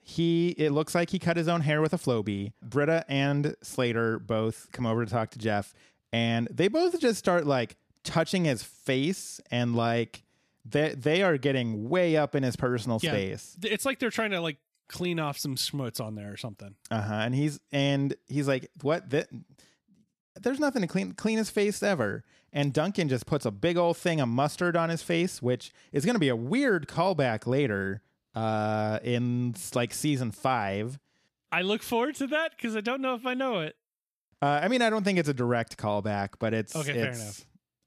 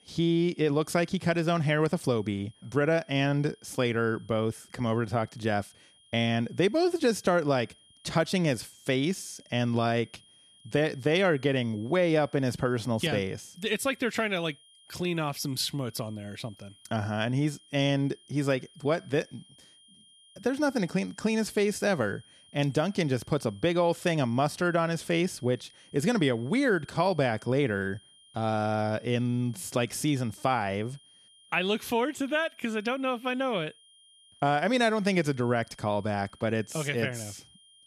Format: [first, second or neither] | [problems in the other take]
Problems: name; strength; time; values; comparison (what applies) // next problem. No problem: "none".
first | high-pitched whine; faint; throughout; 3 kHz, 30 dB below the speech